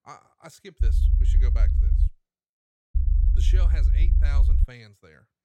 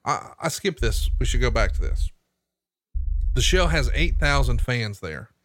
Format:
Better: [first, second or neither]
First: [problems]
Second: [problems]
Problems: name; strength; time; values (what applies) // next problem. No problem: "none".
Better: second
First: low rumble; loud; from 1 to 2 s and from 3 to 4.5 s; 1 dB below the speech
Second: low rumble; faint; from 1 to 2 s and from 3 to 4.5 s; 25 dB below the speech